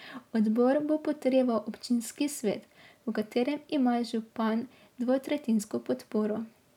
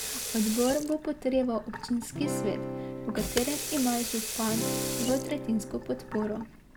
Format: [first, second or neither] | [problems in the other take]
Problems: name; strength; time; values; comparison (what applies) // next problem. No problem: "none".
first | background sound (Sink (filling or washing) / Water tap, faucet + Acoustic guitar / Strum); 4 dB below the speech